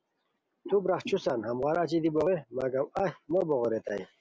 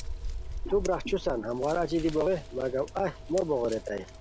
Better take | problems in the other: first | background sound (Scissors); 9 dB below the speech

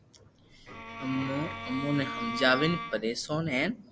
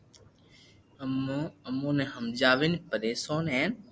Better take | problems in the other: second | background sound (Bowed string instrument); 8 dB below the speech

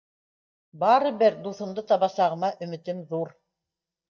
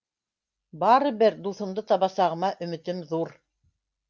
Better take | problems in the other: second | noise reduction (neural mask model DeepFilterNet 3)

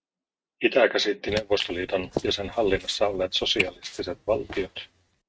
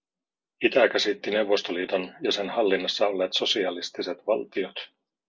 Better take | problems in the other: second | noise reduction (neural mask model RNNoise)

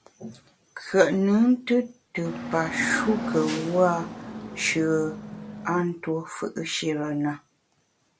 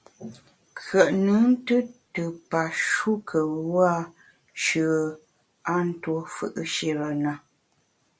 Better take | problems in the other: second | background sound (Hiss / Bus / Engine); 7 dB below the speech

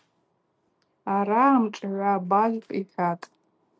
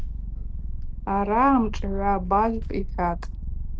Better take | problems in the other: first | background sound (Purr); 4 dB below the speech

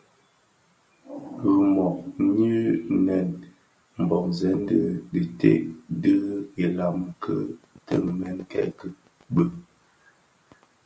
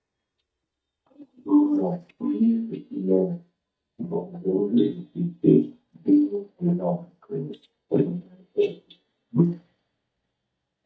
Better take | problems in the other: first | noise reduction (neural mask model DeepFilterNet 3)

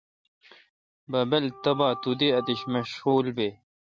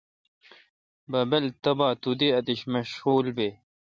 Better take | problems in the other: second | background sound (Organ); 12 dB below the speech

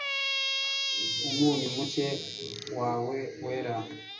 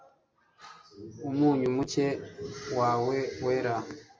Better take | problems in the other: second | background sound (Squeak); 1 dB below the speech // room echo; dies away in 0.3 s

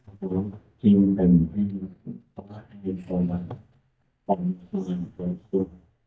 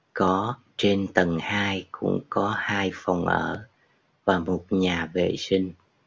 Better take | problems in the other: second | noise reduction (neural mask model DeepFilterNet 3)

